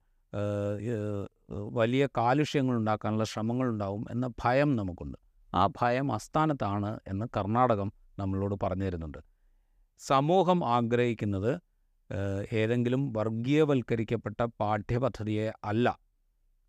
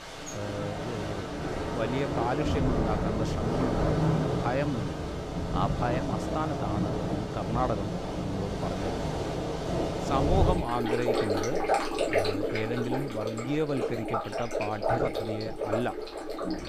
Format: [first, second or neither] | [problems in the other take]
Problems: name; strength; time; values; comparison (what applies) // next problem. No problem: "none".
first | rain or running water; very loud; throughout; 3 dB above the speech